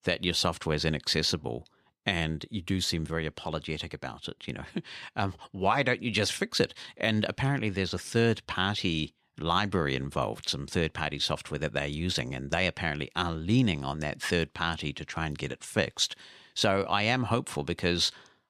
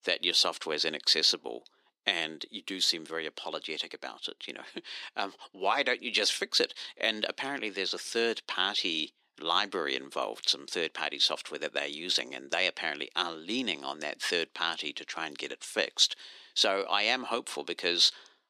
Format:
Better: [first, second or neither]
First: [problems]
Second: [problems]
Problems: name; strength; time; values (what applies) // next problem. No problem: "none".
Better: first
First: none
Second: thin; somewhat; fading below 300 Hz